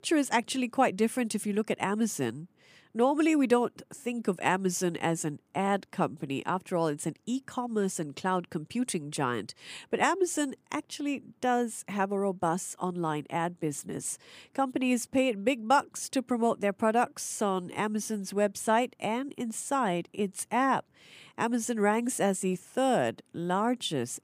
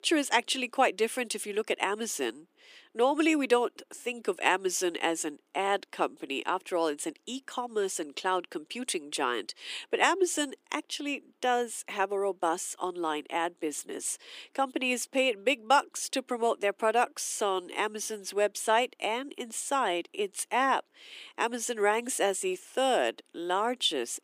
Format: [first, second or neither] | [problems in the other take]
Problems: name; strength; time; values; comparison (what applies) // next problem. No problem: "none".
first | thin; somewhat; fading below 350 Hz